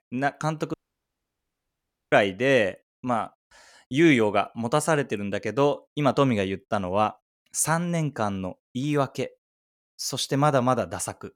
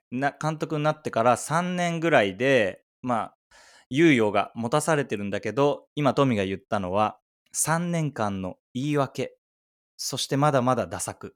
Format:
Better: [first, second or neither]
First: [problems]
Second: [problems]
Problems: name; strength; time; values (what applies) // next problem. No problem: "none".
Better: second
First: audio cutting out; at 0.5 s for 1.5 s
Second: none